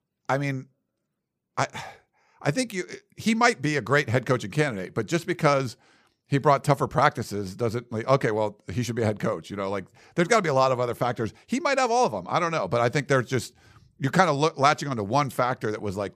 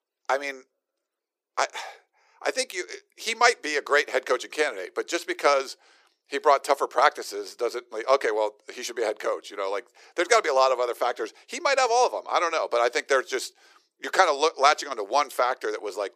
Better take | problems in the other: first | thin; very; fading below 350 Hz

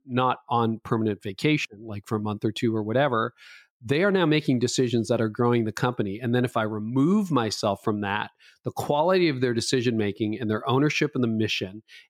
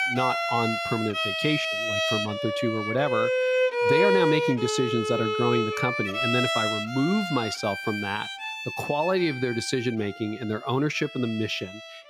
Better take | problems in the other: first | background music; very loud; throughout; 1 dB above the speech

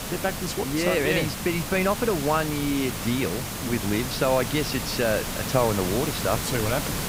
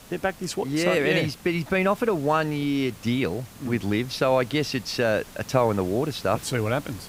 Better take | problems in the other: second | hiss; loud; throughout; 4 dB below the speech; faint in the second

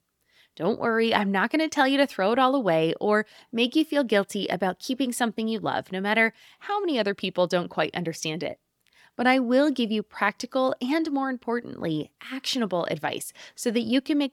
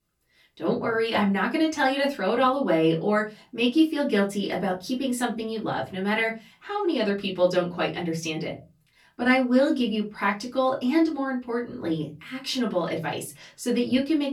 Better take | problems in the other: first | off-mic speech; far // room echo; very slight; dies away in 0.4 s

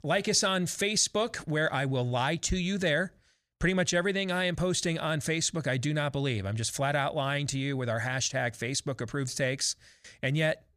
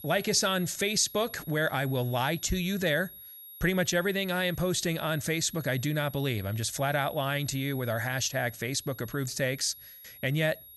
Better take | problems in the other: first | high-pitched whine; noticeable; throughout; 11.5 kHz, 15 dB below the speech

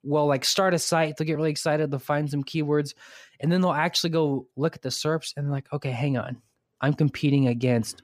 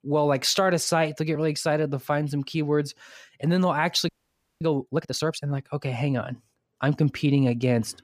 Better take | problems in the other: first | audio freezing; at 4 s for 0.5 s

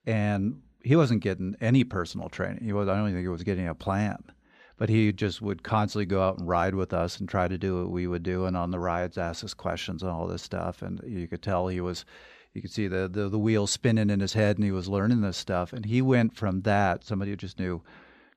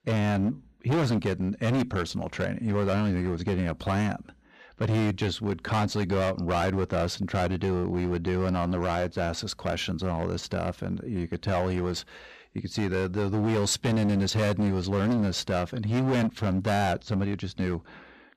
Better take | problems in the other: first | distortion; heavy; 16% of the sound clipped

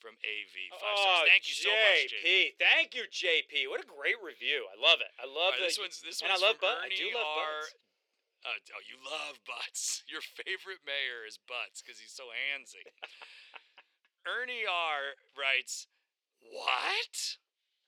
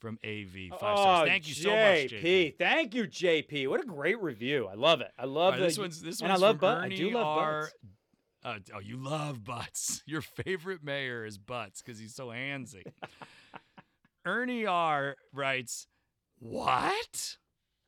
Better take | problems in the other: second | thin; very; fading below 450 Hz

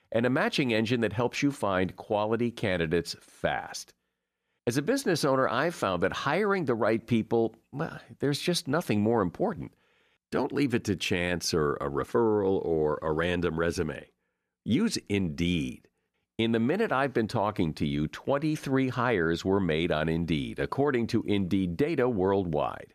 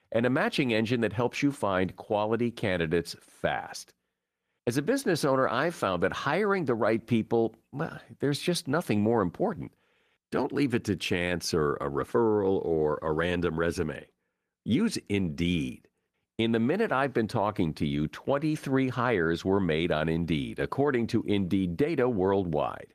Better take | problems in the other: first | garbled, watery; slightly; nothing above 14.5 kHz

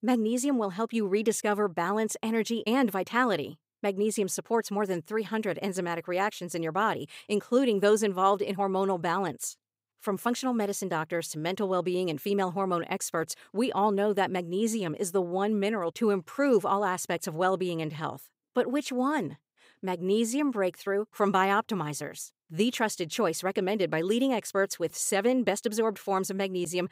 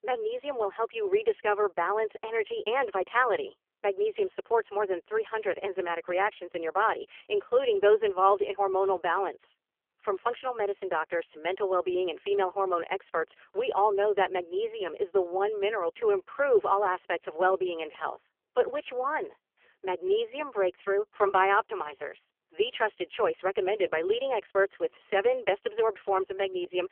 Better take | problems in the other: first | phone-call audio; poor line; nothing above 3.5 kHz

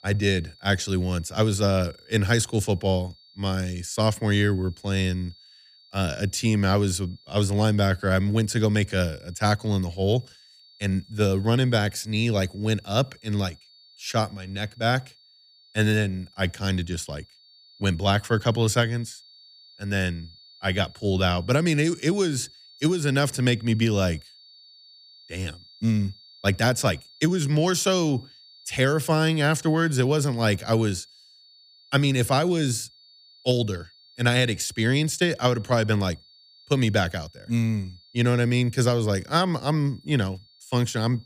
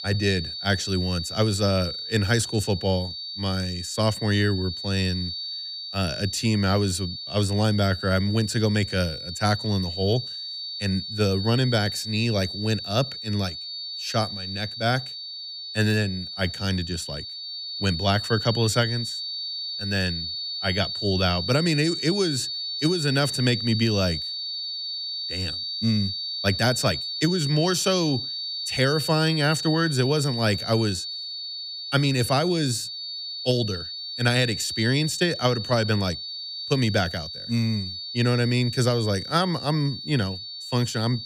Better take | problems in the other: first | high-pitched whine; loud; throughout; 4.5 kHz, 5 dB below the speech; faint in the first

